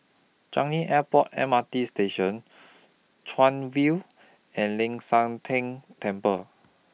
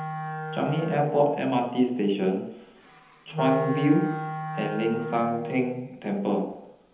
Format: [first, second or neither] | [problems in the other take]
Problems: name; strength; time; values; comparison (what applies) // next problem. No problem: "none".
first | background sound (Wind instrument, woodwind instrument); 8 dB below the speech // room echo; dies away in 0.9 s